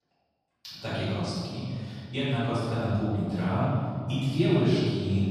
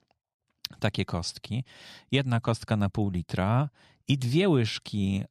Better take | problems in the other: second | off-mic speech; far // room echo; strong; dies away in 2 s

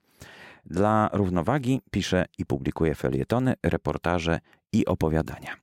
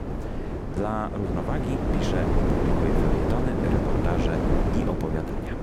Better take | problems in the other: first | wind noise on the microphone; heavy; 4 dB above the speech

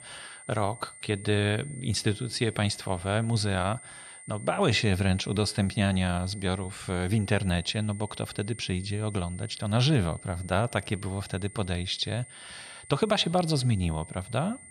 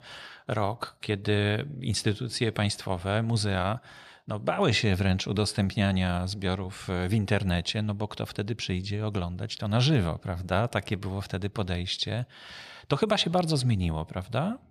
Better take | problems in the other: second | high-pitched whine; noticeable; throughout; 9 kHz, 15 dB below the speech

